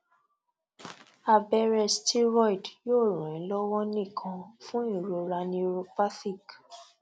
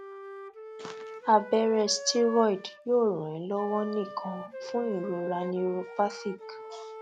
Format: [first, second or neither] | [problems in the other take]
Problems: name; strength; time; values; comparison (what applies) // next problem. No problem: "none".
first | background sound (Wind instrument, woodwind instrument); 13 dB below the speech